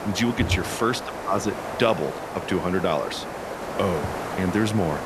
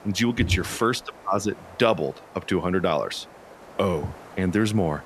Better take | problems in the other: second | hiss; loud; throughout; 7 dB below the speech; faint in the second

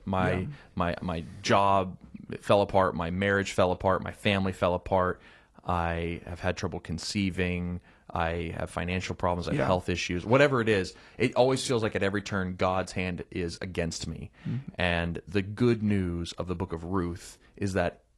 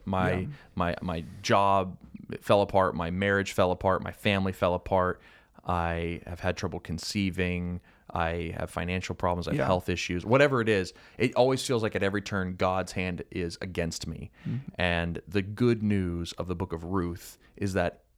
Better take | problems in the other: second | garbled, watery; slightly; nothing above 11 kHz

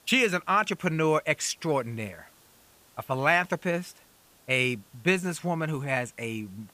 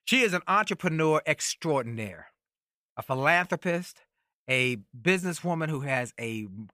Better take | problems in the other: second | hiss; faint; throughout; 30 dB below the speech

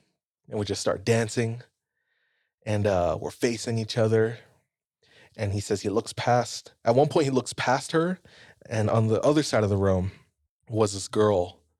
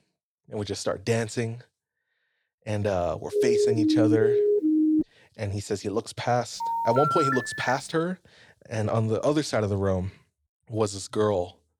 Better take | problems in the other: first | siren; loud; from 3.5 to 5 s; peak 6 dB above the speech // phone ringing; loud; from 6.5 to 7.5 s; peak 3 dB above the speech

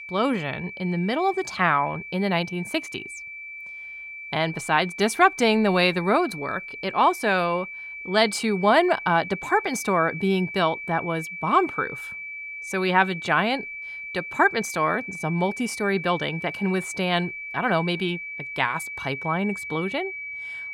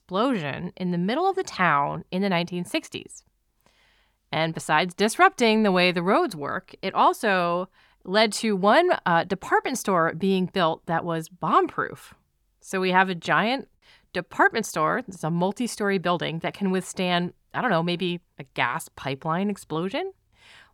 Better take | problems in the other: second | high-pitched whine; loud; throughout; 2.5 kHz, 10 dB below the speech

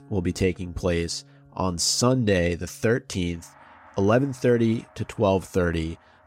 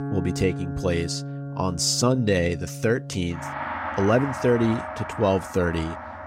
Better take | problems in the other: first | background music; loud; throughout; 9 dB below the speech; faint in the first

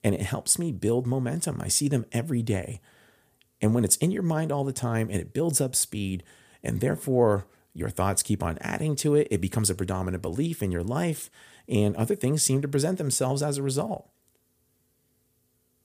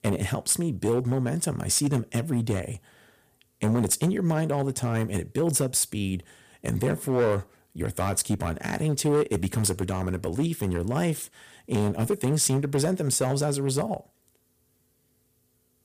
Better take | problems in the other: first | distortion; slight; 5% of the sound clipped

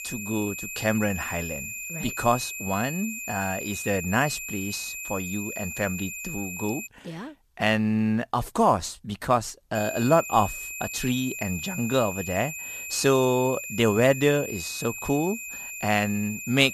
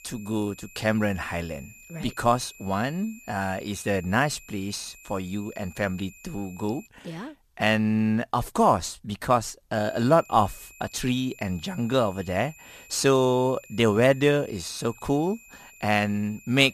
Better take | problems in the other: second | high-pitched whine; loud; until 7 s and from 10 s on; 2.5 kHz, 7 dB below the speech; faint in the second

